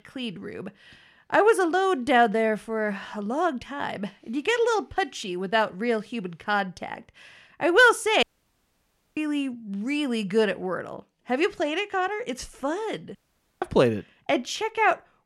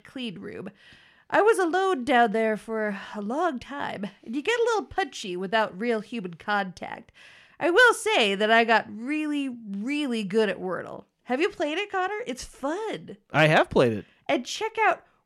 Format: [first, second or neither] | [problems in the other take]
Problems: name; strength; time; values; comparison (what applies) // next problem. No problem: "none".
second | audio cutting out; at 8 s for 1 s and at 13 s